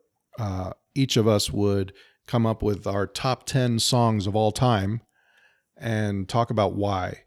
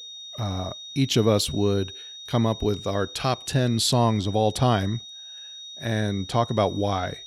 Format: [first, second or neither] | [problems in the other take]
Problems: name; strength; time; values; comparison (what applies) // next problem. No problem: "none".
first | high-pitched whine; noticeable; throughout; 3.5 kHz, 15 dB below the speech